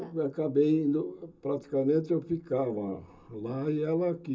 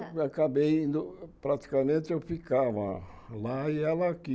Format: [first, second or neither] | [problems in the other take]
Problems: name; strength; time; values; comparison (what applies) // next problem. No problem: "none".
second | room echo; dies away in 0.2 s